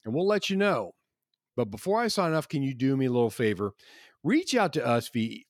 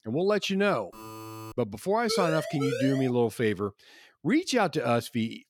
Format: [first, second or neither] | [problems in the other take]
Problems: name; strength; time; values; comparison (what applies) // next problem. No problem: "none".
first | alarm; faint; at 1 s; peak 15 dB below the speech // siren; noticeable; from 2 to 3 s; peak 4 dB below the speech